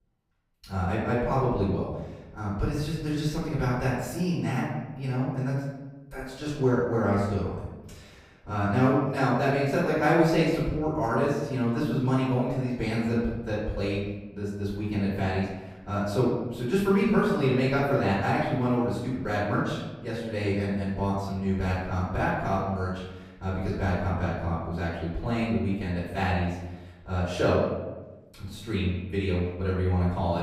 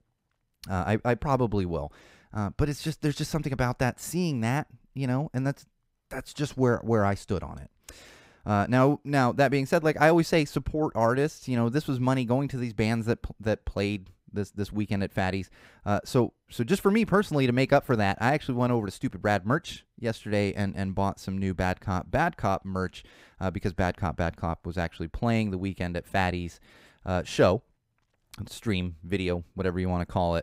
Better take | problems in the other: second | off-mic speech; far // room echo; noticeable; dies away in 1 s

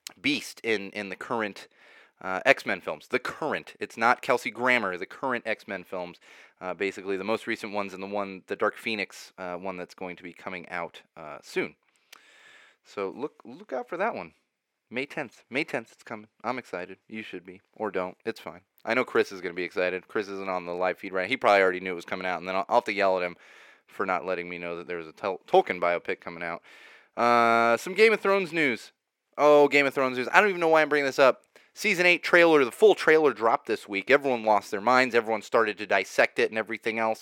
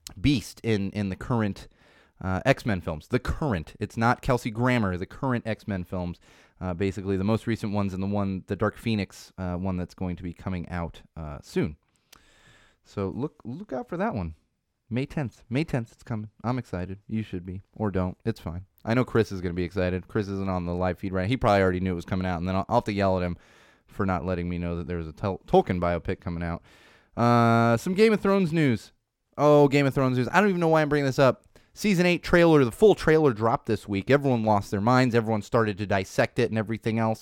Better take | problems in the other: second | thin; somewhat; fading below 450 Hz

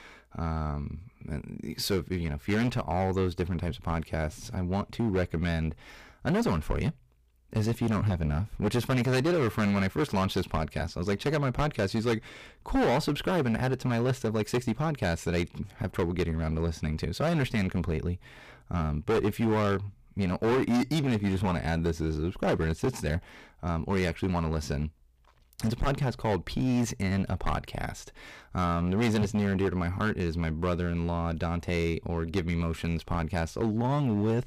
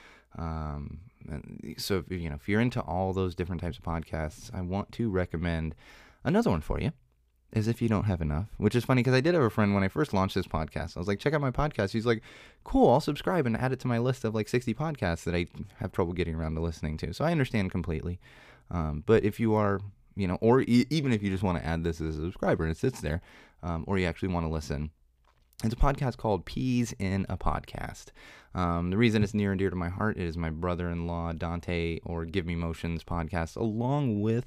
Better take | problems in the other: second | distortion; heavy; 11% of the sound clipped

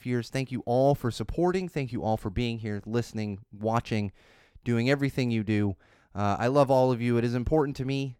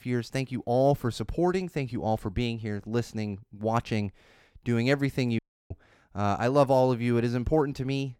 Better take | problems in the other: first | audio cutting out; at 5.5 s

